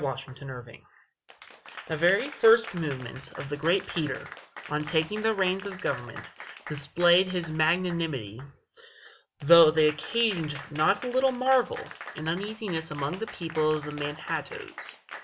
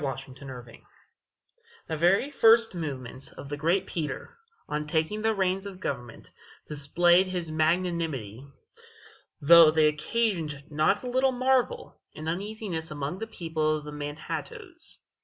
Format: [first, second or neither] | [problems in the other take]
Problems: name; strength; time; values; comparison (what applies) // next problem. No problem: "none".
second | background sound (Applause / Crowd); 16 dB below the speech